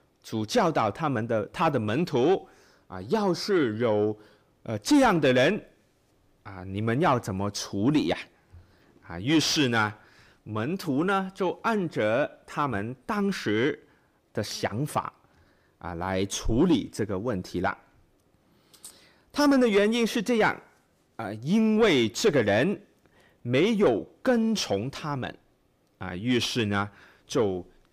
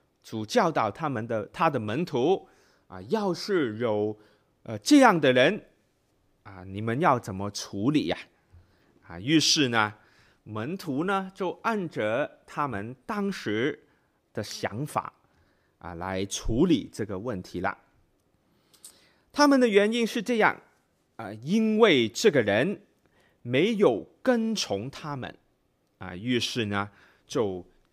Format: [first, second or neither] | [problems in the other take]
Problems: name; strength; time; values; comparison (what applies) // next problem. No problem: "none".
second | distortion; slight; 10 dB below the speech